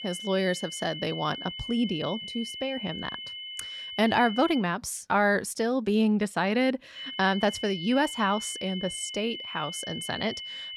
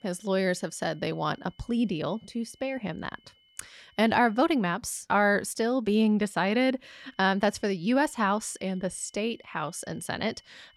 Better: second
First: high-pitched whine; loud; until 4.5 s and from 7 s on; 3 kHz, 8 dB below the speech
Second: high-pitched whine; faint; until 4.5 s and from 7 s on; 3 kHz, 35 dB below the speech

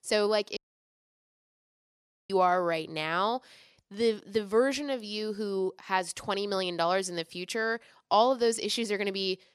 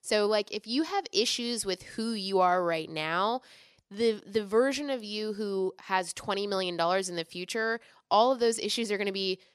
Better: second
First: audio cutting out; at 0.5 s for 1.5 s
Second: none

